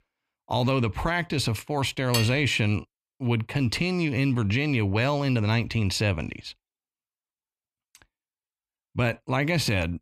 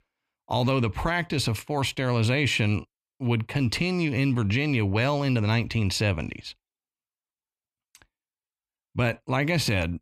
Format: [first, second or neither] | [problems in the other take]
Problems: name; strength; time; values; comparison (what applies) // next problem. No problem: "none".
second | clattering dishes; noticeable; at 2 s; peak 4 dB below the speech